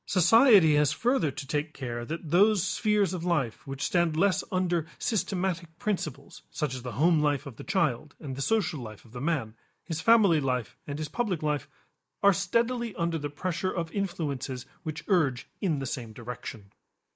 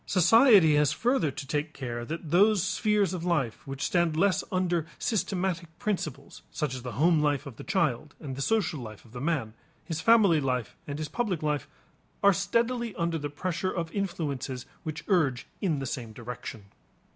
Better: second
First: noise reduction (neural mask model Resemble Enhance denoiser)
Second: none

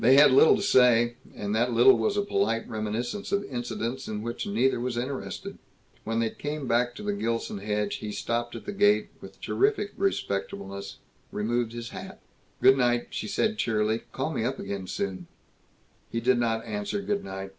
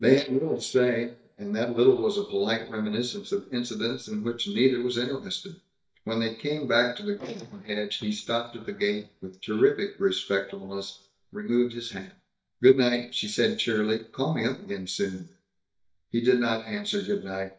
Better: first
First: none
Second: noise reduction (neural mask model DeepFilterNet 3)

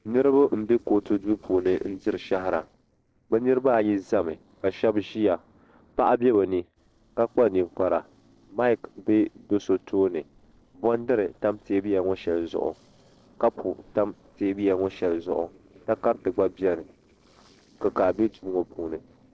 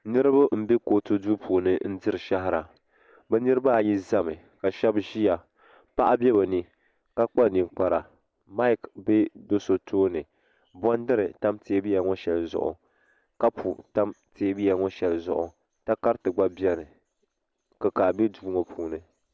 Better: second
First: noise reduction (neural separator model SepFormer DNS4)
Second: none

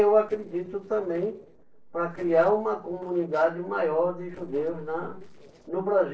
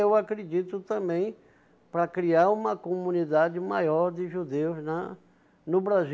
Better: second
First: noise reduction (neural separator model SepFormer DNS4)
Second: none

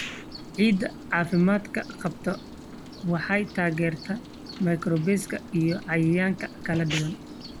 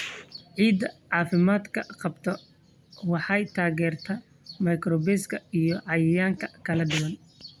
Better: second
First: background sound (Rain); 15 dB below the speech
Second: none

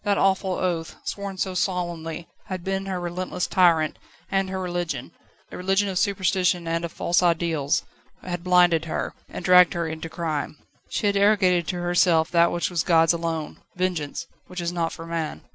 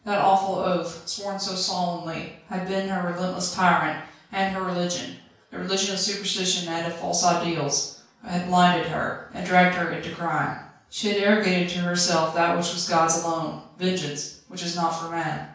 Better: first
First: none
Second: room echo; dies away in 0.5 s

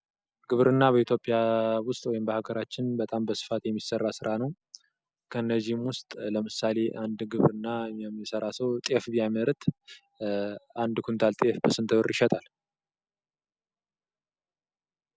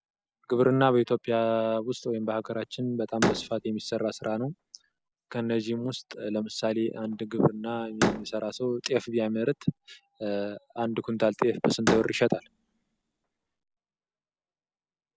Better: first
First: none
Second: background sound (Slam); 7 dB below the speech

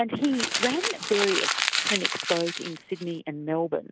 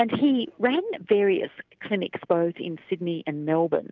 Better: second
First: background sound (Crumpling, crinkling); 1 dB below the speech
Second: none

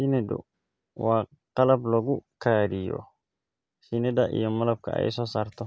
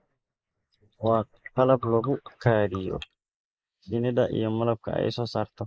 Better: first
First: none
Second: noise reduction (neural mask model Resemble Enhance denoiser)

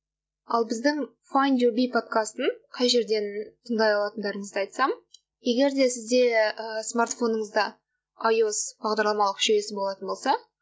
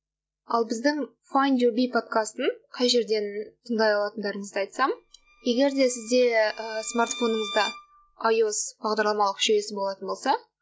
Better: first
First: none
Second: background sound (Bowed string instrument); 15 dB below the speech

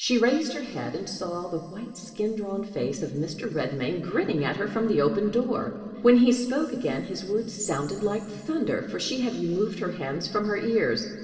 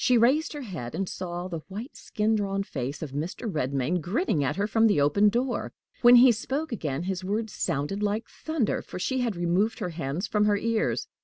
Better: second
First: room echo; dies away in 2.4 s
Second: none

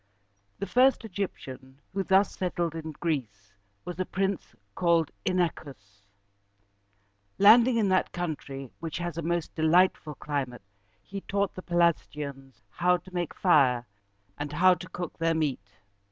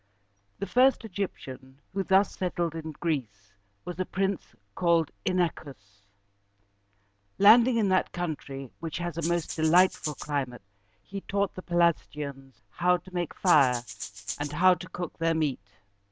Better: first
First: none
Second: background sound (Rattle (instrument)); 10 dB below the speech

